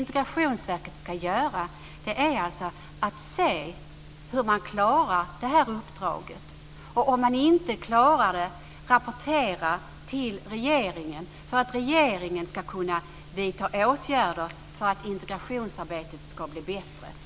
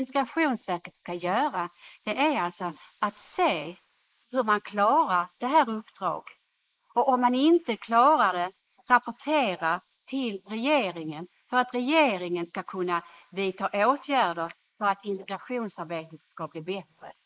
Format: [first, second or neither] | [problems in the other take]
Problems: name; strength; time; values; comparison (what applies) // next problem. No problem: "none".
first | noise reduction (neural mask model Resemble Enhance denoiser)